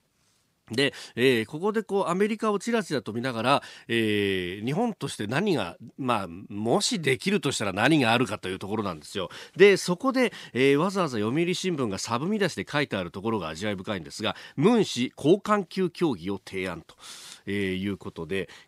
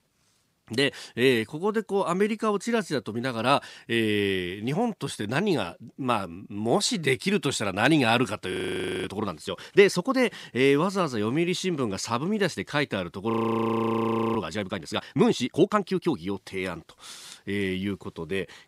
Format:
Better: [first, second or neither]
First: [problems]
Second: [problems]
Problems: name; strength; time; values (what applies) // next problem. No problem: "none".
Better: first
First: none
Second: audio freezing; at 8.5 s for 0.5 s and at 13 s for 1 s